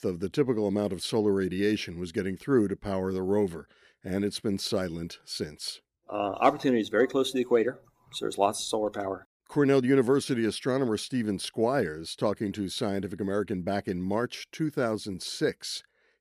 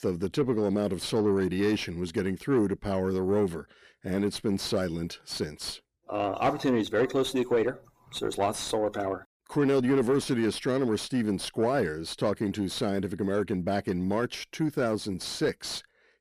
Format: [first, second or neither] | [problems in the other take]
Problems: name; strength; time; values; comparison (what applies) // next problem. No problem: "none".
first | distortion; slight; 10 dB below the speech